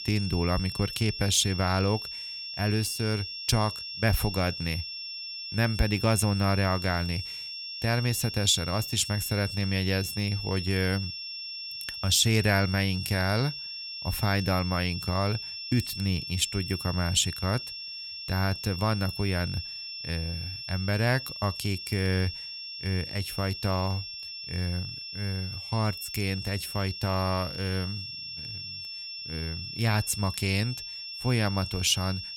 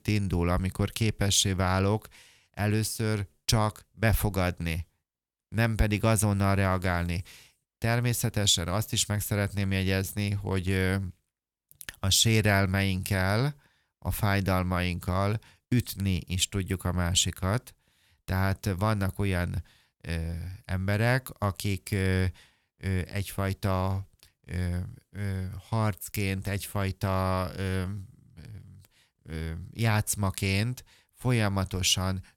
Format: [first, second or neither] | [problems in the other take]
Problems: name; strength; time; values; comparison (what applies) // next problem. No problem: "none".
second | high-pitched whine; loud; throughout; 5.5 kHz, 7 dB below the speech